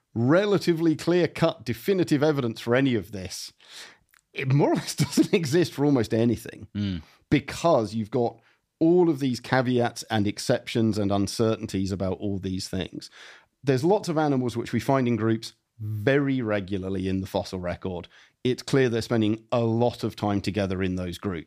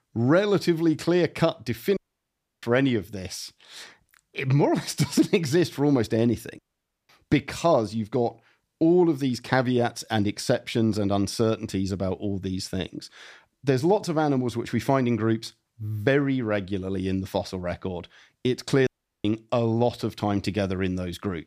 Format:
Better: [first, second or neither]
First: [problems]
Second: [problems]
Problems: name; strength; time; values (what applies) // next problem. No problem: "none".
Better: first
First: none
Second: audio cutting out; at 2 s for 0.5 s, at 6.5 s for 0.5 s and at 19 s